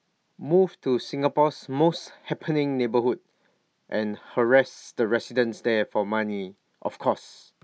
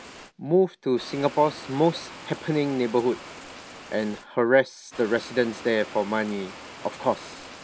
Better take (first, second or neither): first